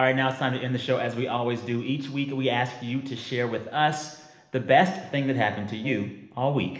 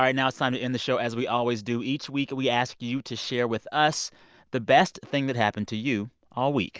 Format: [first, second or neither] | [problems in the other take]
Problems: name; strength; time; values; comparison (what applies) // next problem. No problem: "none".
second | background sound (Wind instrument, woodwind instrument); 17 dB below the speech // room echo; dies away in 1.1 s